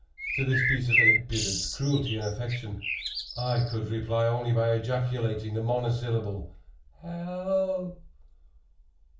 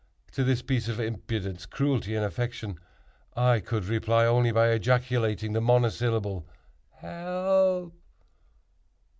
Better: second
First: background sound (Bird); as loud as the speech // room echo; dies away in 0.4 s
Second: none

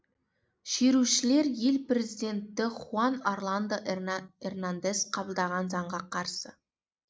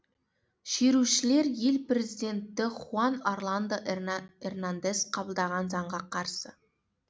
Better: second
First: noise reduction (neural mask model Resemble Enhance denoiser)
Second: none

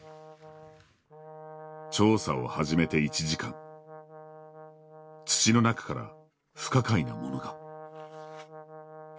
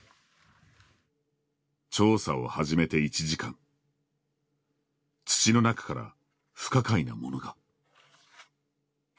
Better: second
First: background sound (Brass instrument); 15 dB below the speech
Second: none

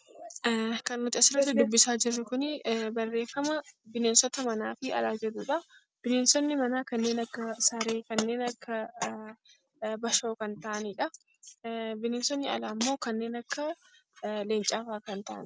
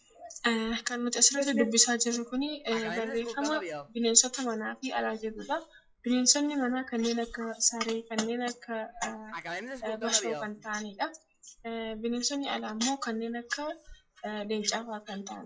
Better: first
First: none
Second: noise reduction (classical method WPE with log-MMSE)

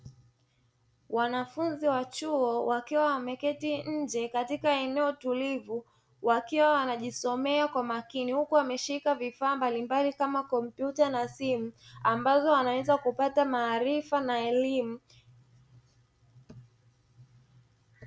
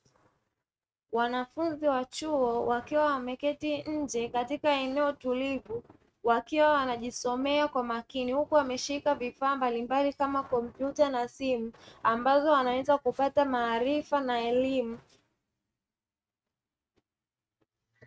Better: first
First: none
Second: noise reduction (neural mask model RNNoise)

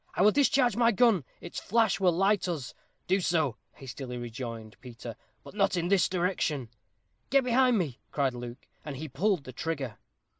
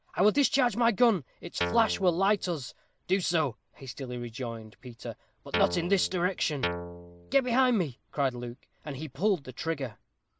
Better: first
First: none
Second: background sound (Guitar); 7 dB below the speech

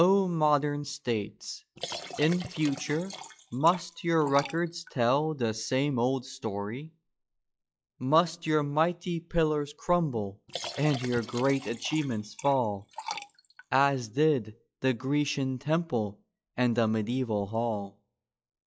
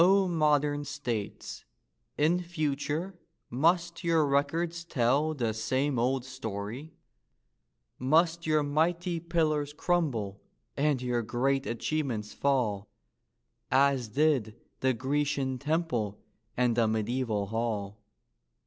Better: second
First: noise reduction (classical method log-MMSE)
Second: none

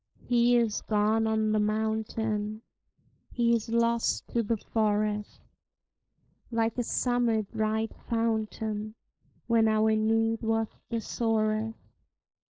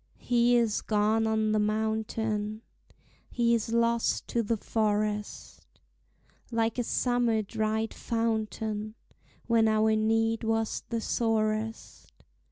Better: second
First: noise reduction (neural mask model Resemble Enhance denoiser)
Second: none

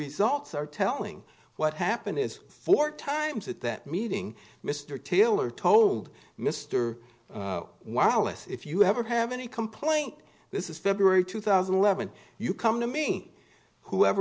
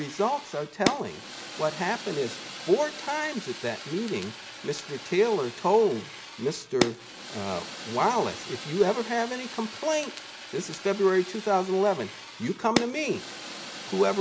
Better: first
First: none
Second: background sound (Fire); 9 dB below the speech

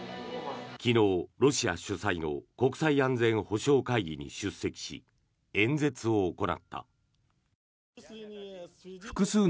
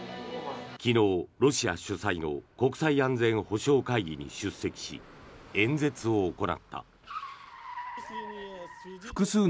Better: first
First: none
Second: background sound (Car); 18 dB below the speech

